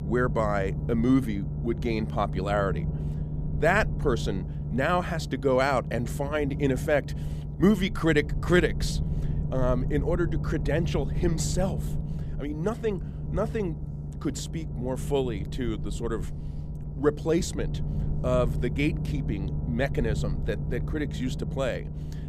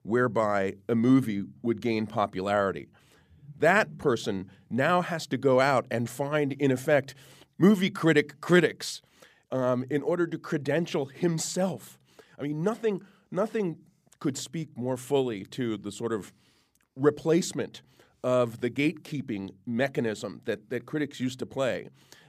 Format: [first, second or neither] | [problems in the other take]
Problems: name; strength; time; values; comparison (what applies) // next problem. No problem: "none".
second | low rumble; noticeable; throughout; 15 dB below the speech